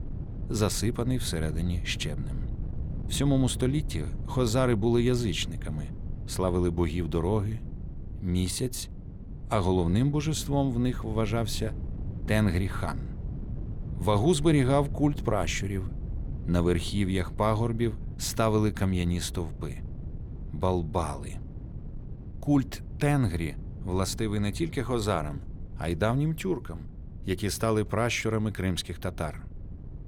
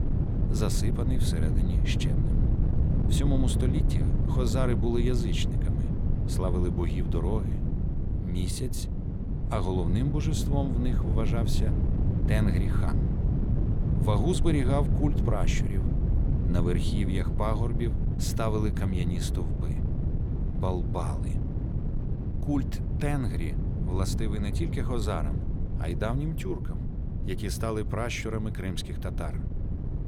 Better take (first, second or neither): first